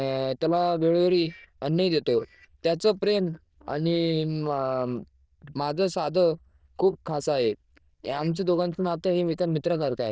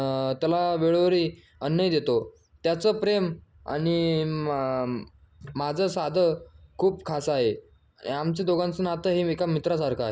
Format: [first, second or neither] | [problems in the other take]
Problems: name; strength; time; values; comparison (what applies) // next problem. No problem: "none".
second | noise reduction (neural diffusion model UNIVERSE++)